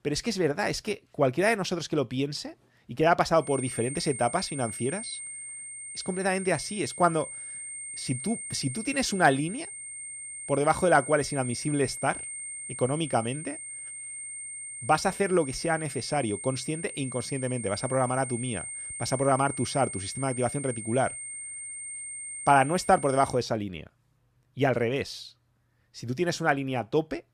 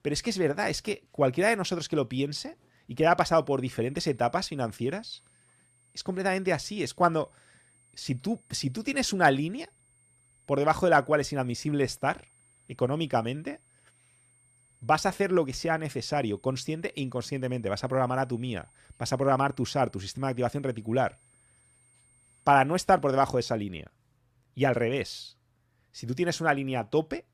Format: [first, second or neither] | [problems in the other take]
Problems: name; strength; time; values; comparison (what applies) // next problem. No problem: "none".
second | high-pitched whine; loud; from 3.5 to 23 s; 8.5 kHz, 8 dB below the speech; faint in the second